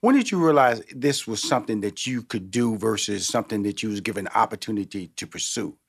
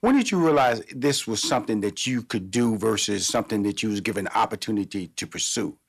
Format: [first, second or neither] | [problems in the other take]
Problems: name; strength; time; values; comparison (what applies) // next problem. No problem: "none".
first | distortion; slight; 10 dB below the speech